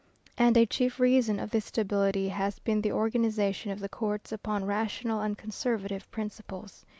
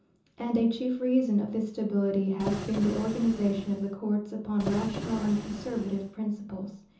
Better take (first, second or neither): first